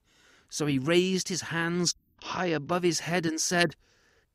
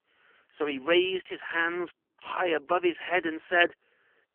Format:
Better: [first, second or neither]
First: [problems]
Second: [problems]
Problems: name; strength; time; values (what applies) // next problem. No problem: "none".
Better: first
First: none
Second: phone-call audio; poor line; nothing above 3 kHz